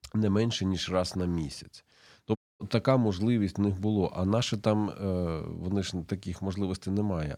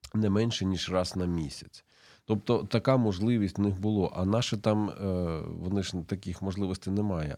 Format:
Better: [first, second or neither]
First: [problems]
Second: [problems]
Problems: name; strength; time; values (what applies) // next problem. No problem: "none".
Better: second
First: audio cutting out; at 2.5 s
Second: none